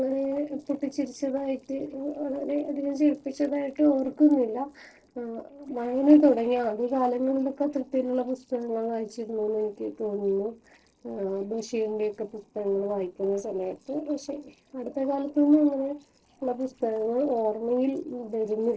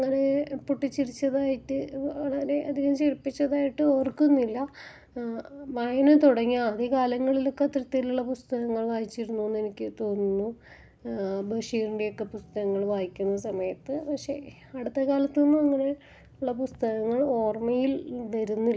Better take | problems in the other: second | noise reduction (neural separator model SepFormer DNS4)

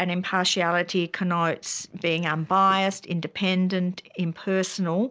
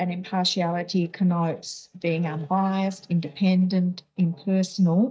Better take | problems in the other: first | noise reduction (neural mask model DeepFilterNet 3)

